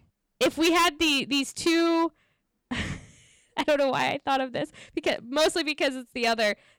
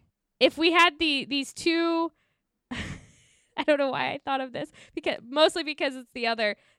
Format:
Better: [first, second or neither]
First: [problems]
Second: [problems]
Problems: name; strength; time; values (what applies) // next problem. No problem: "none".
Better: second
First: distortion; heavy; 7% of the sound clipped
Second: none